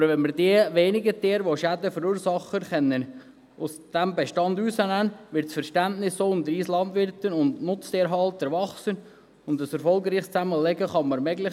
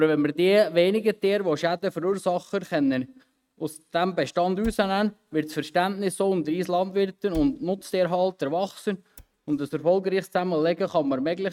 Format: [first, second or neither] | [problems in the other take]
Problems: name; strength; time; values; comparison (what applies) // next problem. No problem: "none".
first | noise reduction (neural mask model RNNoise)